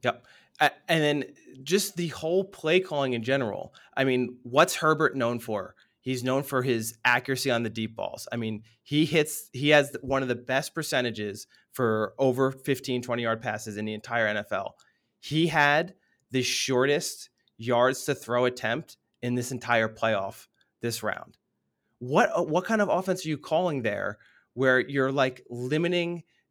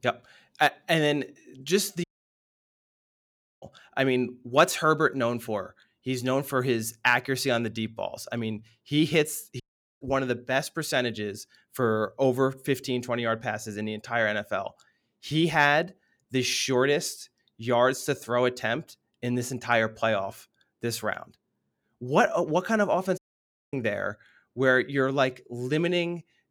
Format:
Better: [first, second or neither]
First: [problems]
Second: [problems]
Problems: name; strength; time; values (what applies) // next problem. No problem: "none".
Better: first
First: none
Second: audio cutting out; at 2 s for 1.5 s, at 9.5 s and at 23 s for 0.5 s